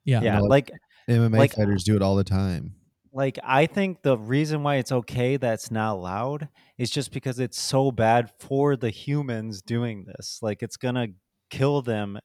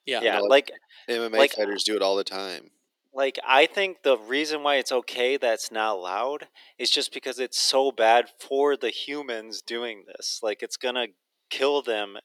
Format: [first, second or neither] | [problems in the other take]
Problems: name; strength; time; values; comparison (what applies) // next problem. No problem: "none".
first | thin; very; fading below 350 Hz